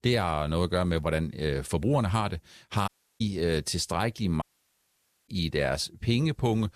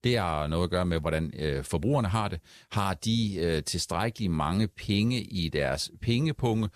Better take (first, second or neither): second